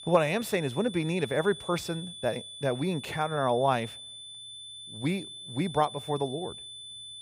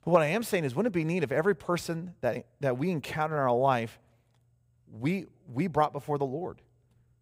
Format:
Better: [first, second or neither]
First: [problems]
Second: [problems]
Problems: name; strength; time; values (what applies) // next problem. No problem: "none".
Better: second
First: high-pitched whine; noticeable; throughout; 3.5 kHz, 10 dB below the speech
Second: none